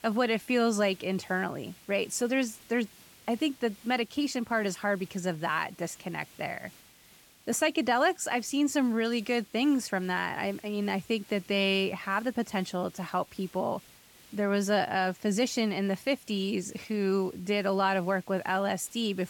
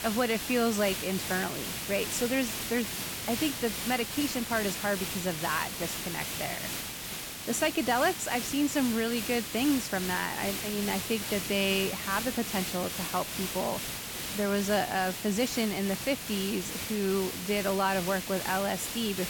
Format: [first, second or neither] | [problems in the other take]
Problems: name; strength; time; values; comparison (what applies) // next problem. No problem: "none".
first | hiss; loud; throughout; 4 dB below the speech; faint in the first